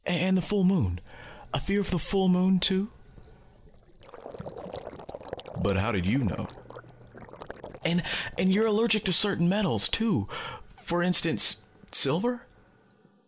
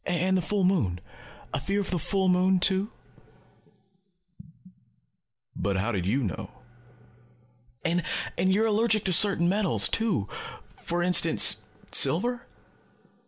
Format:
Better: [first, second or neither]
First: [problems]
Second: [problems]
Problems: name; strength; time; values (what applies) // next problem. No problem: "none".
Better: second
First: background sound (Gurgling); 18 dB below the speech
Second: none